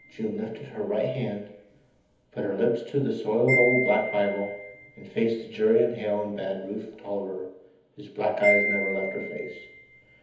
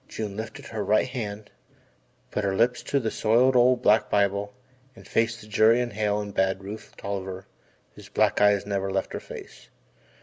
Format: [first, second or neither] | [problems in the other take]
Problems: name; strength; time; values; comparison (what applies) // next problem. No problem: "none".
second | background sound (Wind chime); 7 dB below the speech // room echo; dies away in 1.3 s